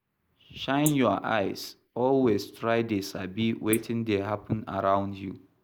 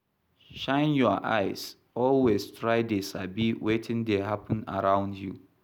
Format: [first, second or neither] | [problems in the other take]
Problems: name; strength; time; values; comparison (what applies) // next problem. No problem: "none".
second | noise reduction (neural mask model Resemble Enhance denoiser)